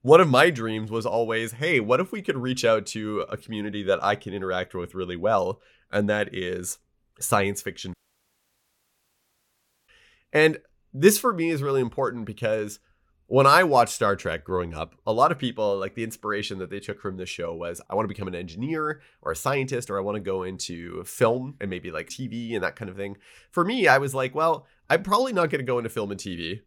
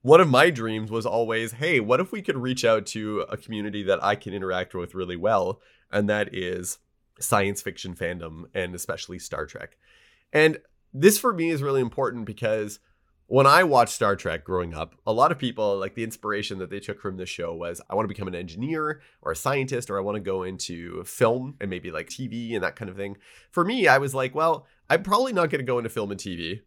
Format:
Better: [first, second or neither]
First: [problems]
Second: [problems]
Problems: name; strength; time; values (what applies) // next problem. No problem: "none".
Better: second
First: audio cutting out; at 8 s for 2 s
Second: none